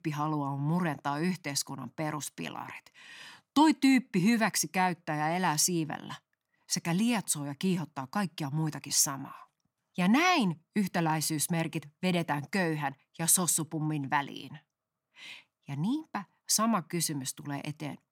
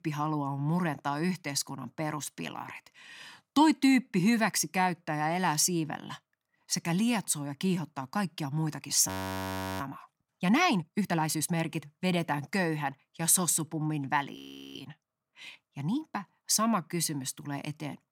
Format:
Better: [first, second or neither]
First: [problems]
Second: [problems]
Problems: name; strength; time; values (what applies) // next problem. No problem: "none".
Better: first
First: none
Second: audio freezing; at 9 s for 0.5 s and at 14 s